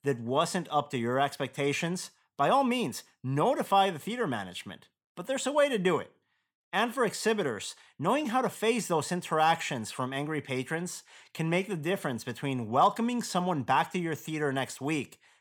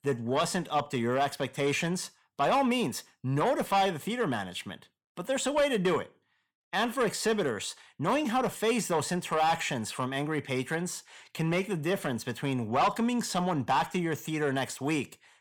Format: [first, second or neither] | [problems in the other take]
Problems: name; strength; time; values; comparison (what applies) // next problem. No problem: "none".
first | distortion; slight; 10 dB below the speech